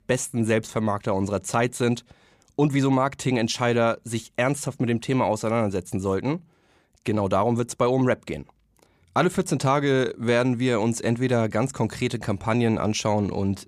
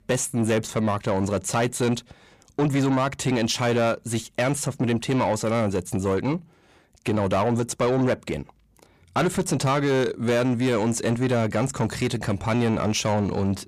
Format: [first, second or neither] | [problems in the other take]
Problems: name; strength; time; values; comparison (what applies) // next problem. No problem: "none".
first | distortion; slight; 10 dB below the speech